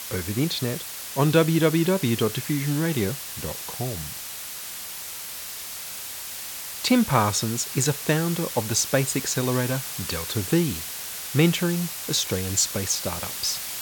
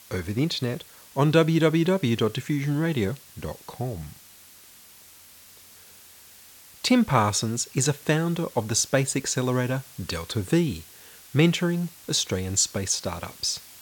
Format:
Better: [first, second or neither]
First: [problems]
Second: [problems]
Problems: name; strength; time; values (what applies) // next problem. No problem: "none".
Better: second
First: hiss; loud; throughout; 7 dB below the speech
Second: hiss; faint; throughout; 20 dB below the speech